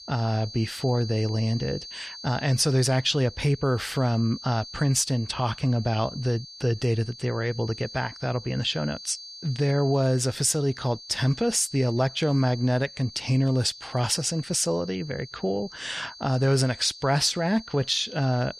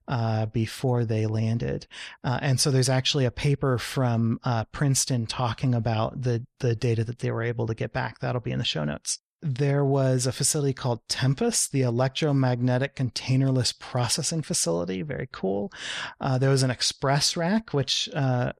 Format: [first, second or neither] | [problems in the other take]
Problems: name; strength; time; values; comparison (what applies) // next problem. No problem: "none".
second | high-pitched whine; noticeable; throughout; 4.5 kHz, 15 dB below the speech